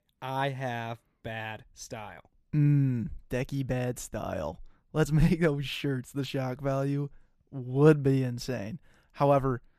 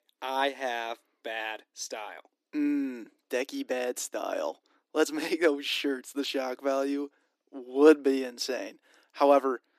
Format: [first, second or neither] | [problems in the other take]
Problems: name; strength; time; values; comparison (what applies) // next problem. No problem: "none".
first | thin; somewhat; fading below 300 Hz